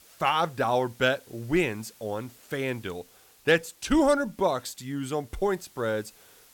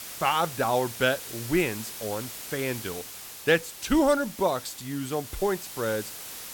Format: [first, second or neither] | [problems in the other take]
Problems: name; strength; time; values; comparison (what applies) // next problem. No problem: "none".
first | hiss; loud; throughout; 10 dB below the speech; faint in the first